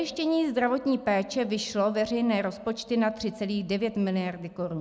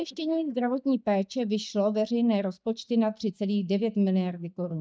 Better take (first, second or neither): first